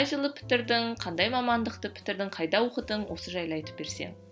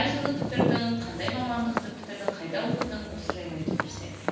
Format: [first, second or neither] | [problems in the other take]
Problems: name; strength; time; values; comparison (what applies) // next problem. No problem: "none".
first | background sound (Walk, footsteps); 1 dB below the speech // room echo; dies away in 1.2 s